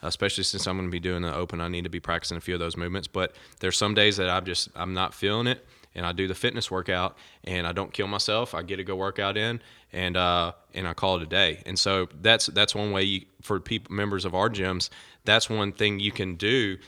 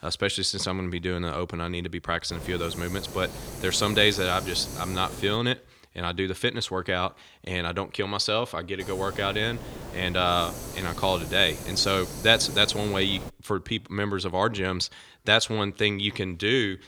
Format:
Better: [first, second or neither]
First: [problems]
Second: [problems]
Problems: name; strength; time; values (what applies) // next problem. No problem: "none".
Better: first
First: none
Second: hiss; noticeable; from 2.5 to 5.5 s and from 9 to 13 s; 10 dB below the speech